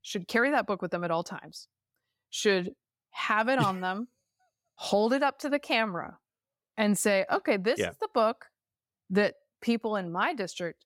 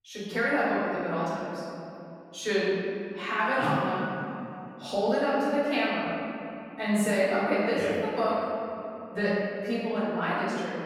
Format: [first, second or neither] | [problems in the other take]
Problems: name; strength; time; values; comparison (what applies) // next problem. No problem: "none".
first | off-mic speech; far // room echo; strong; dies away in 2.8 s